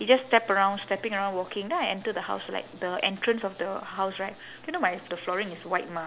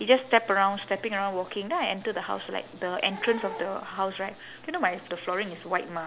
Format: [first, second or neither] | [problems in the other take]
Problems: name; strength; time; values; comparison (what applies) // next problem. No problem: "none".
first | background sound (Animal / Brass instrument); 16 dB below the speech